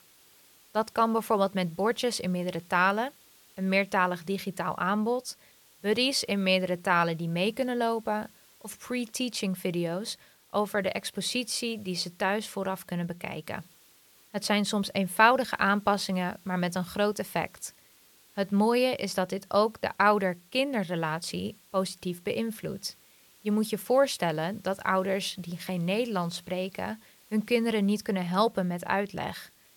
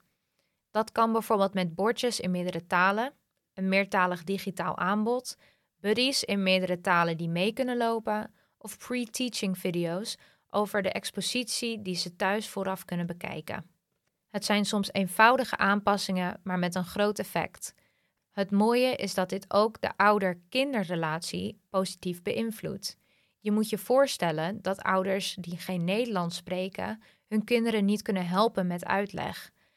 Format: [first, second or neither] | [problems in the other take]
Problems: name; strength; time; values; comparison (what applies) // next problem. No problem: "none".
second | hiss; faint; throughout; 30 dB below the speech